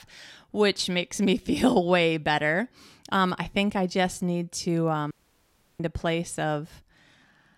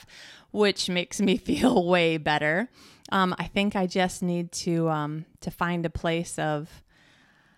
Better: second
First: audio cutting out; at 5 s for 0.5 s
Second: none

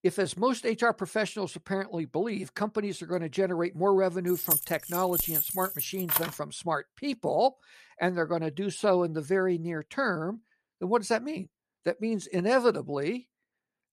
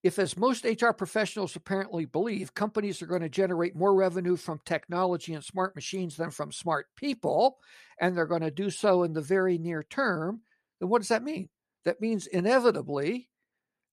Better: second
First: jangling keys; loud; from 4.5 to 6.5 s; peak 4 dB above the speech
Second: none

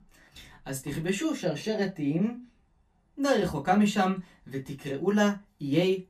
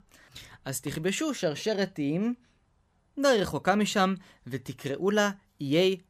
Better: second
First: off-mic speech; far // room echo; very slight; dies away in 0.2 s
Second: none

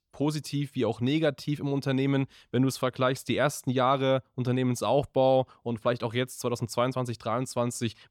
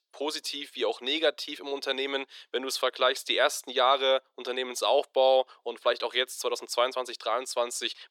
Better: first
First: none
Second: thin; very; fading below 400 Hz

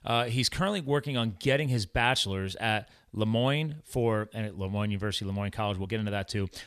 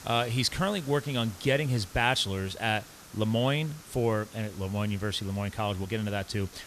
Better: first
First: none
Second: hiss; noticeable; throughout; 20 dB below the speech

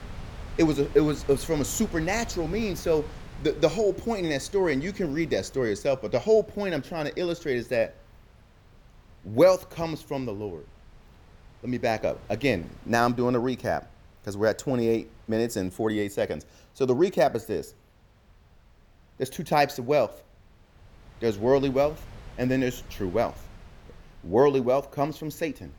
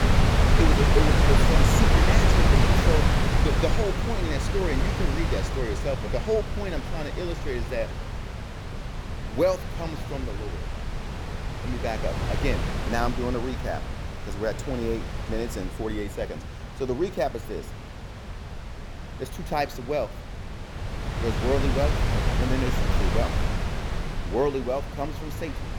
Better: first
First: wind noise on the microphone; occasional gusts; 25 dB below the speech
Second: wind noise on the microphone; heavy; as loud as the speech

